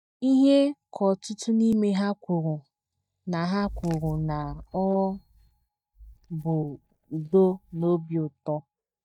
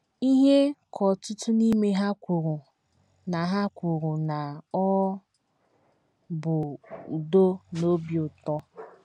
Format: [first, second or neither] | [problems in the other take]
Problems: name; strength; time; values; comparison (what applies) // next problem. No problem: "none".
second | noise reduction (neural mask model DeepFilterNet 3)